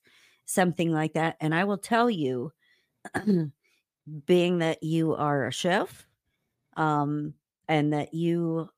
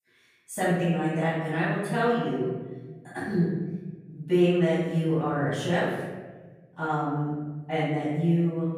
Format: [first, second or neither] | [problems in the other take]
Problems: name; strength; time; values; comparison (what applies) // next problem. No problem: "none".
first | off-mic speech; far // room echo; strong; dies away in 1.4 s